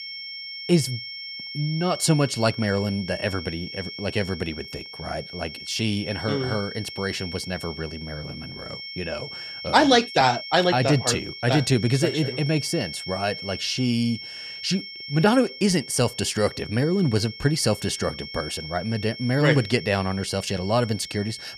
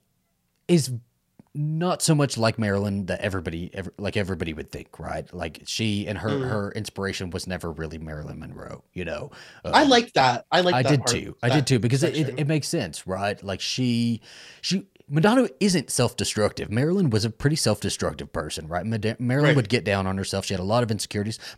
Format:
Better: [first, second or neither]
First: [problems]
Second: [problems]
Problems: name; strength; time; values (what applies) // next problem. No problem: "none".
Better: second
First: high-pitched whine; noticeable; throughout; 5.5 kHz, 10 dB below the speech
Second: none